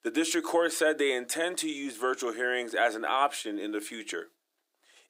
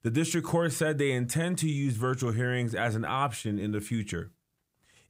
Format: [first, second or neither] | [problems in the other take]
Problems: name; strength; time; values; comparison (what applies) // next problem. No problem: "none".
second | thin; very; fading below 300 Hz